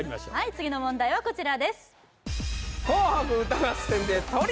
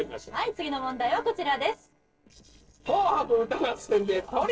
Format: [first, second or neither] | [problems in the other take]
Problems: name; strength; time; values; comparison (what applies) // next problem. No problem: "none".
first | noise reduction (neural separator model SepFormer DNS4)